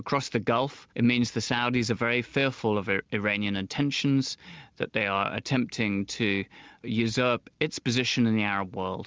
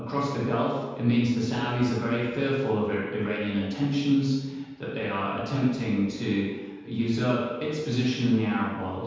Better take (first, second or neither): first